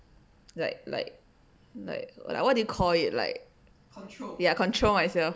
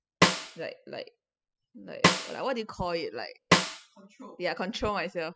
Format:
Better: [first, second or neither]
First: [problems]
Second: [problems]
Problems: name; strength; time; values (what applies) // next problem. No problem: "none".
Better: first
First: none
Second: noise reduction (classical method spectral subtraction)